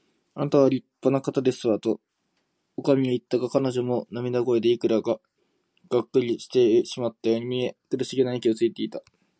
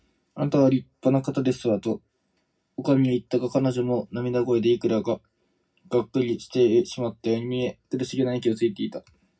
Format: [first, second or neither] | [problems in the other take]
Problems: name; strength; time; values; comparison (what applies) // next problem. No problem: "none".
first | room echo; dies away in 0.4 s